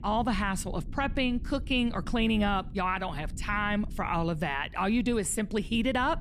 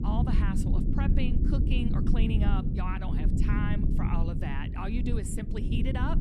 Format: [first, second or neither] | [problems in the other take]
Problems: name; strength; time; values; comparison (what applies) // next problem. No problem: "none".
first | low rumble; loud; throughout; 1 dB below the speech; faint in the first